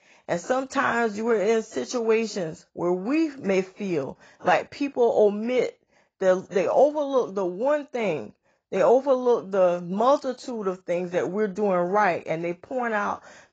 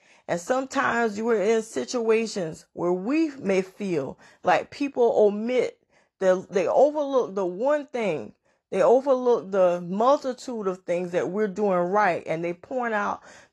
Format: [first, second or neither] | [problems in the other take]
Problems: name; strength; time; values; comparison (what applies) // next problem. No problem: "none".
second | garbled, watery; badly; nothing above 7.5 kHz; slightly in the second